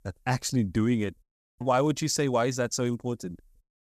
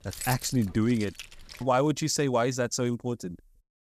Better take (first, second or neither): first